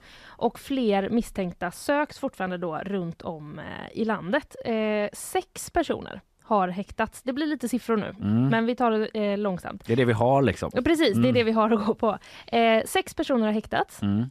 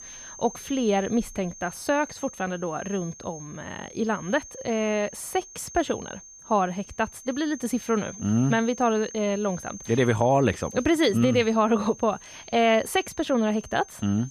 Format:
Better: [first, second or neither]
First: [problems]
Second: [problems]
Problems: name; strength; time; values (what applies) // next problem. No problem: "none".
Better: first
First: none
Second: high-pitched whine; noticeable; throughout; 6.5 kHz, 15 dB below the speech